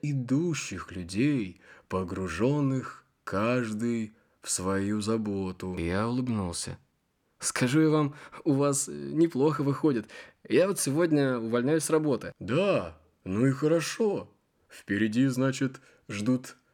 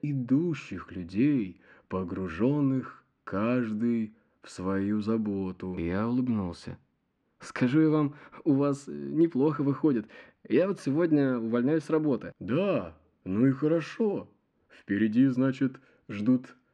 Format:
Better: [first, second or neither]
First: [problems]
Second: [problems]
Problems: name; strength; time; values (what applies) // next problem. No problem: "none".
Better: first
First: none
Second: muffled; slightly; fading above 3 kHz